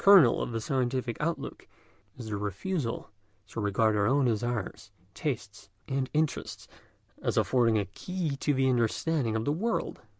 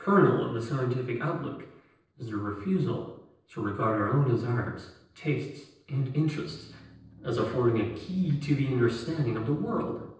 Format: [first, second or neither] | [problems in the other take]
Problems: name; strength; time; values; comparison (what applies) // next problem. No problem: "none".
first | noise reduction (neural separator model SepFormer DNS4)